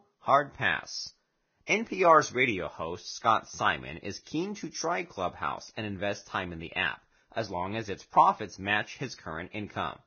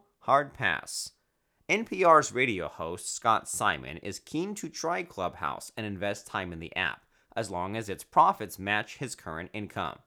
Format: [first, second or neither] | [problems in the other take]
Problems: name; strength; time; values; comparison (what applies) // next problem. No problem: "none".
second | garbled, watery; badly; nothing above 6.5 kHz